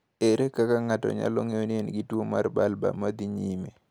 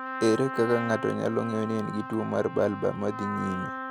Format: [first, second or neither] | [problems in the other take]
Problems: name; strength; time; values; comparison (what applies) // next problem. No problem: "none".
first | background sound (Trumpet); 8 dB below the speech